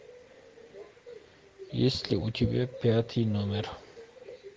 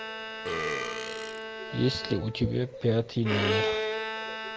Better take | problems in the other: first | background sound (Bowed string instrument + Burping, eructation); 2 dB below the speech

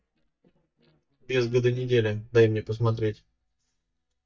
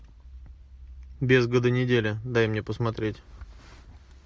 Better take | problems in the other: second | noise reduction (neural mask model DeepFilterNet 3)

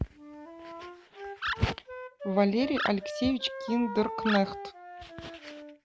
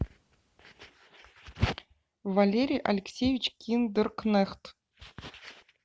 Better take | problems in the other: second | background sound (Wind instrument, woodwind instrument + Animal); 7 dB below the speech

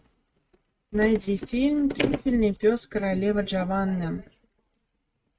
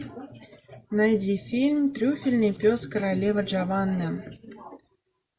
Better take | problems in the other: second | noise reduction (neural mask model RNNoise)

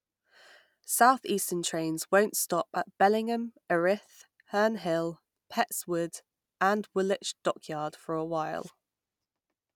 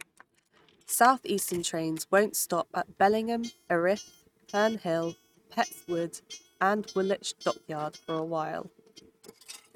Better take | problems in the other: first | noise reduction (neural mask model RNNoise)

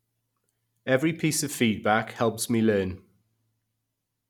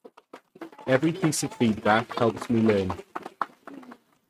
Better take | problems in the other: first | noise reduction (neural mask model RNNoise)

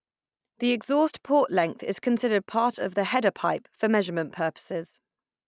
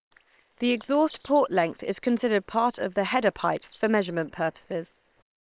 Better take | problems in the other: first | noise reduction (neural separator model SepFormer WHAM!)

